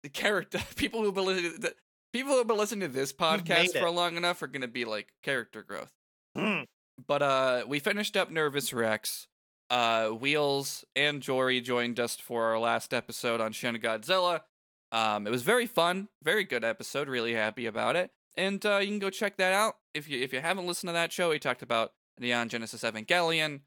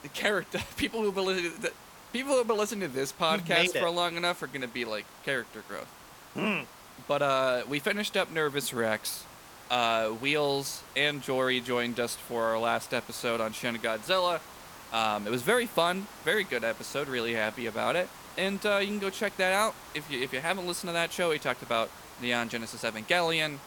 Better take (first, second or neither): first